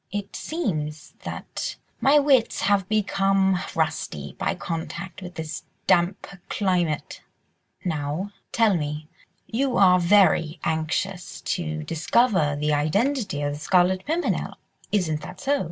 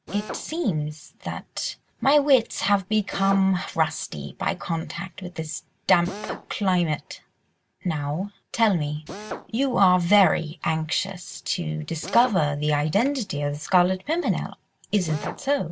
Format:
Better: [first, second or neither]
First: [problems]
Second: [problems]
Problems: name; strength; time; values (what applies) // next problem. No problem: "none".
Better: first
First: none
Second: background sound (Drill); 18 dB below the speech